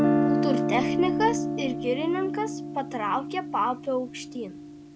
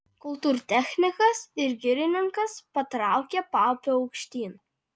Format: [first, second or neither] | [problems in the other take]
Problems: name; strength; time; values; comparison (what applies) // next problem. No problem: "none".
second | background sound (Guitar); 1 dB above the speech